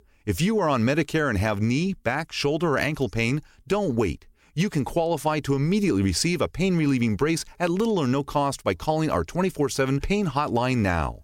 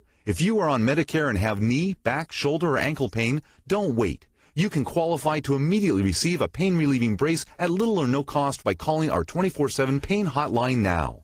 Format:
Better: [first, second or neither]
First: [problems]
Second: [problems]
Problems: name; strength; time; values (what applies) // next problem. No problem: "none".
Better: first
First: none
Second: garbled, watery; slightly; nothing above 16.5 kHz